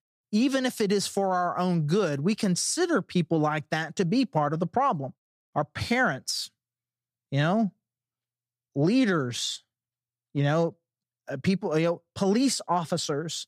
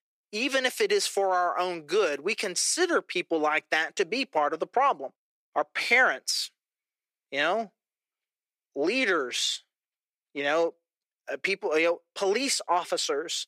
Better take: first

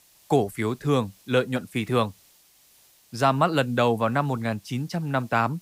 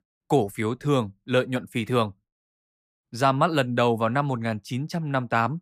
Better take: second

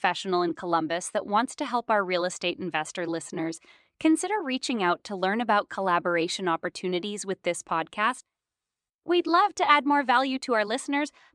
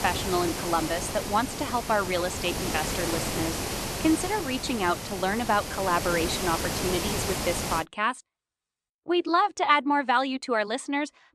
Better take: first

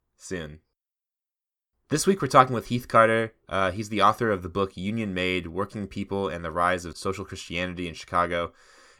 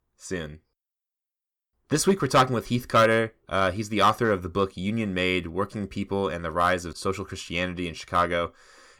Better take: first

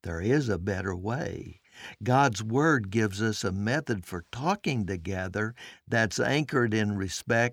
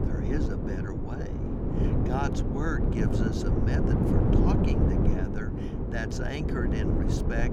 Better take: first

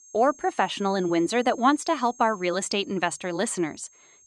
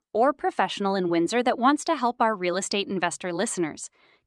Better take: second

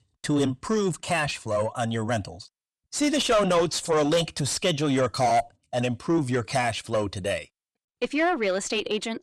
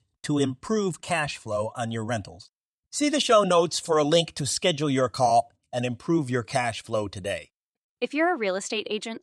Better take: second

